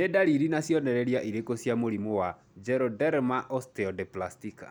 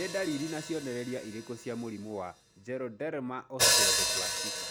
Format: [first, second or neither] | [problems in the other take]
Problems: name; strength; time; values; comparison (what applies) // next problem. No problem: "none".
first | background sound (Hi-hat); 4 dB above the speech